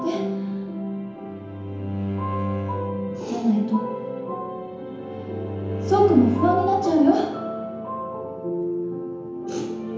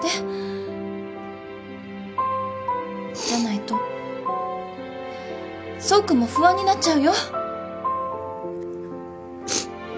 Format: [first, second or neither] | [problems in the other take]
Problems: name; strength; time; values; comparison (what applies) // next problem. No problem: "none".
second | background sound (Bowed string instrument); 7 dB below the speech // room echo; dies away in 1 s